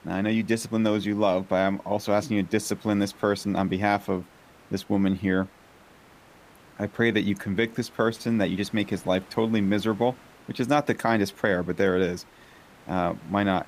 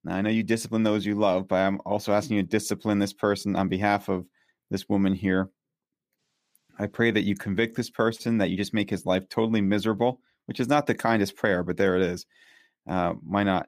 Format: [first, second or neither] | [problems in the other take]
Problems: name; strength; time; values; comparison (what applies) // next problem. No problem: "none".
second | hiss; faint; throughout; 25 dB below the speech